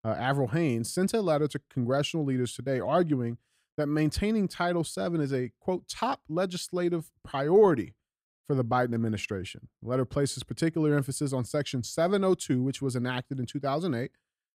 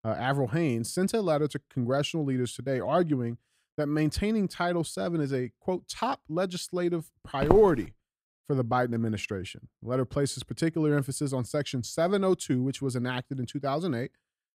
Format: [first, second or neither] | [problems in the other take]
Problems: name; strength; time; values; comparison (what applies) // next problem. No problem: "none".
first | footsteps; loud; at 7.5 s; peak level with the speech